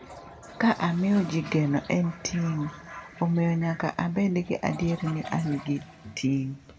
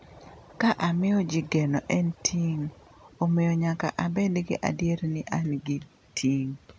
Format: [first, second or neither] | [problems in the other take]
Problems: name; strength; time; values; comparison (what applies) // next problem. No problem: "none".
second | background sound (Toilet flush); 18 dB below the speech // room echo; dies away in 1.8 s